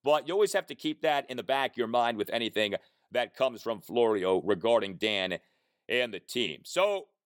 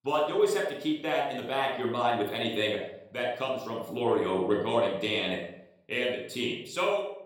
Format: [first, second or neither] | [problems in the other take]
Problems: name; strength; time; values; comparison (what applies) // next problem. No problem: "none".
first | off-mic speech; somewhat distant // room echo; noticeable; dies away in 0.6 s